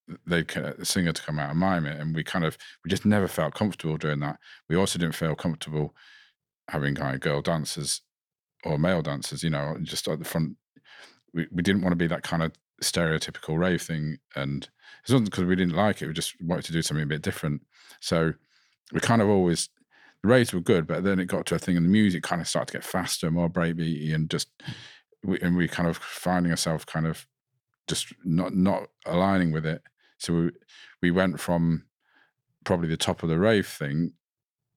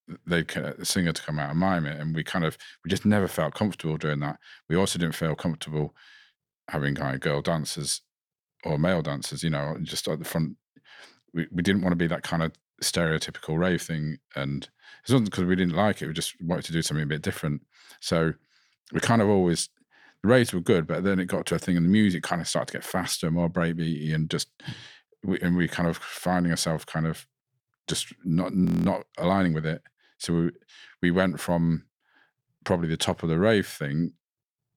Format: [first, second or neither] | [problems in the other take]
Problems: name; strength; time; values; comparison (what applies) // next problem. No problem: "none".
first | audio freezing; at 29 s